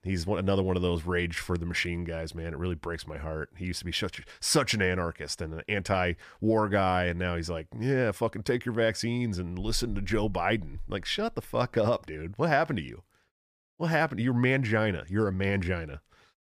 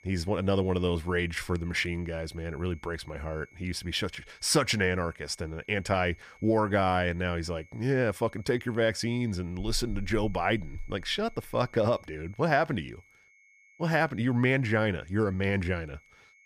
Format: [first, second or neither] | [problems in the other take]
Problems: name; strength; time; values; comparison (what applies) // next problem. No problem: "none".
first | high-pitched whine; faint; throughout; 2 kHz, 30 dB below the speech